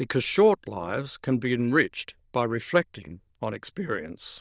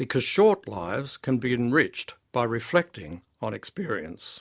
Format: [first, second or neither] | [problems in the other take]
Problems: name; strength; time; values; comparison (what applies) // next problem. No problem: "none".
second | noise reduction (neural diffusion model UNIVERSE++)